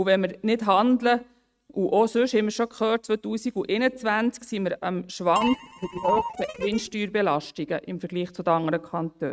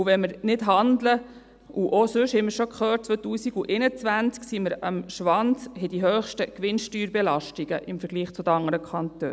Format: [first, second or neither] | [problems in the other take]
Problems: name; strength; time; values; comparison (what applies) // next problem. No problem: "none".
second | noise reduction (neural mask model RNNoise)